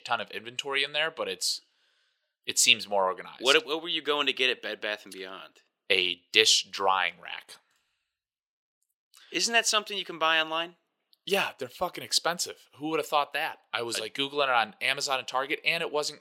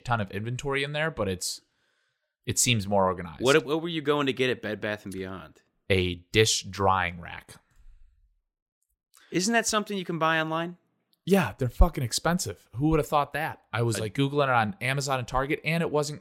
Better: second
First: thin; somewhat; fading below 450 Hz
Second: none

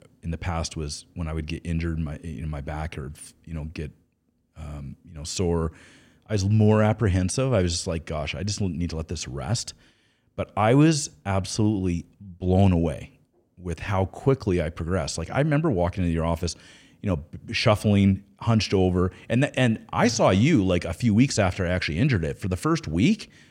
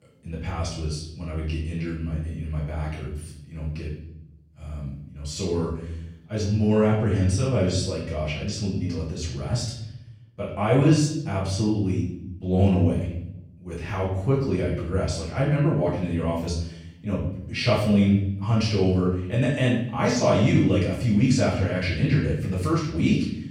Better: first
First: none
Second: room echo; noticeable; dies away in 0.8 s // off-mic speech; far

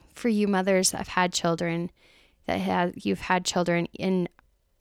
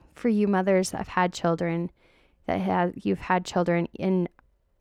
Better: first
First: none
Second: muffled; slightly; fading above 2.5 kHz

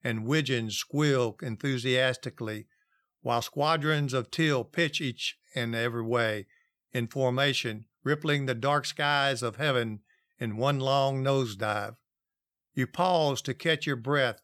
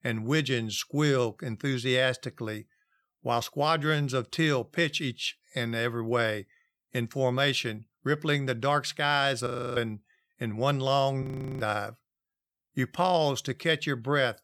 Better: first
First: none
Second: audio freezing; at 9.5 s and at 11 s

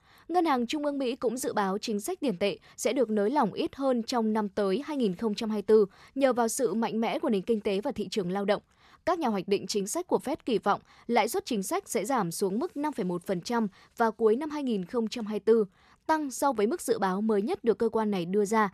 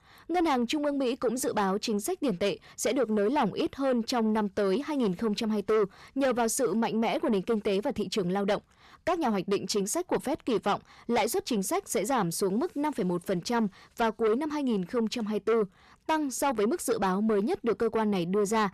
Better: first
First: none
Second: distortion; slight; 10 dB below the speech

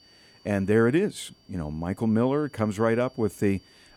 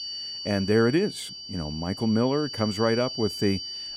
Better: first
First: high-pitched whine; faint; throughout; 4.5 kHz, 30 dB below the speech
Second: high-pitched whine; loud; throughout; 4.5 kHz, 8 dB below the speech

